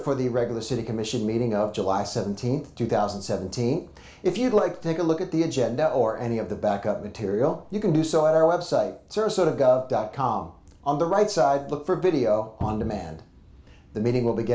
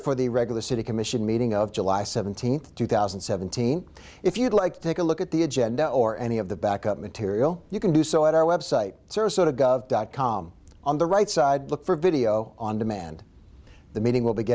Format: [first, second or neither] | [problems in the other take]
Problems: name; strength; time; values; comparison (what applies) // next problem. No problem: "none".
second | background sound (Cupboard open or close); 7 dB below the speech // room echo; dies away in 0.4 s